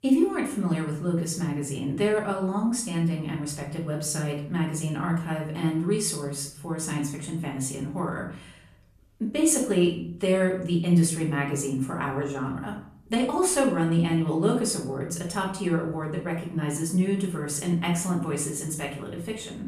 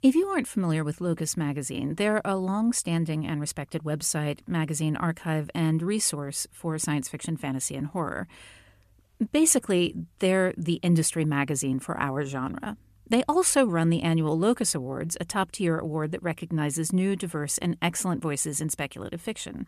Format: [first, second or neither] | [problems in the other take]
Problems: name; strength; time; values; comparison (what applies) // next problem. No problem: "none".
second | off-mic speech; far // room echo; slight; dies away in 0.5 s